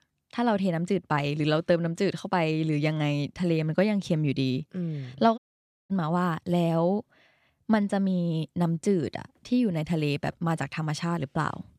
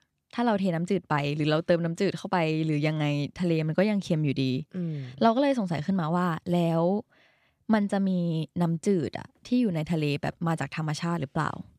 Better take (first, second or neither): second